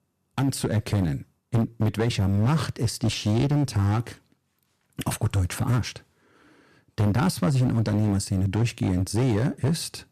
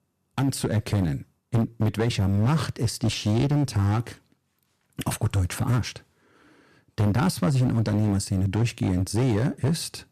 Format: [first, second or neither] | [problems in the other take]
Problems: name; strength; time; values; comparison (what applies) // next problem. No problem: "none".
neither | distortion; slight; 10% of the sound clipped; the same in both